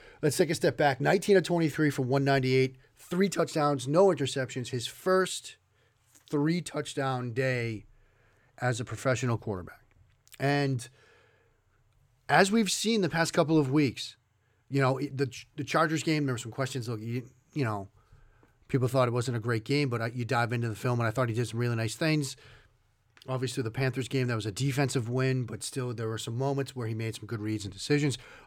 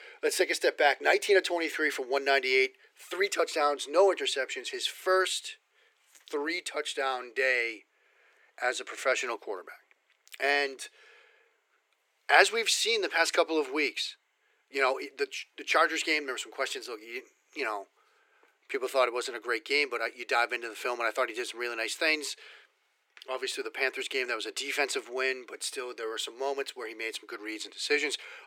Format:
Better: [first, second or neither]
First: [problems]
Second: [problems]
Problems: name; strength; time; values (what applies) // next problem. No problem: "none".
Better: first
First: none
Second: thin; very; fading below 350 Hz